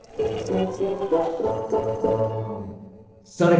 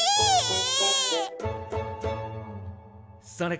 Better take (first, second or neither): second